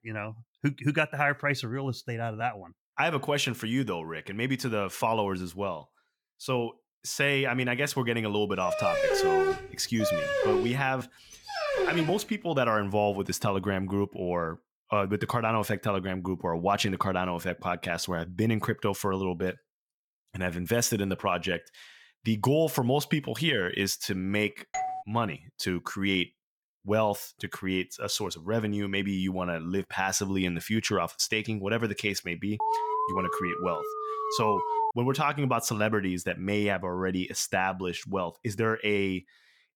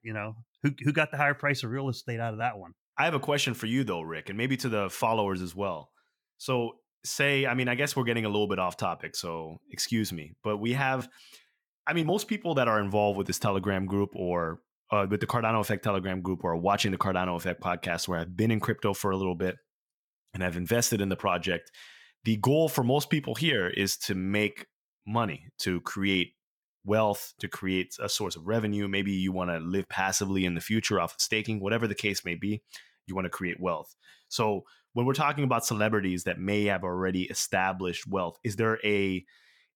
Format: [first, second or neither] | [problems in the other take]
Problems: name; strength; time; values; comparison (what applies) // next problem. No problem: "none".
second | dog barking; loud; from 8.5 to 12 s; peak 5 dB above the speech // doorbell; noticeable; at 25 s; peak 4 dB below the speech // alarm; loud; from 33 to 35 s; peak 1 dB above the speech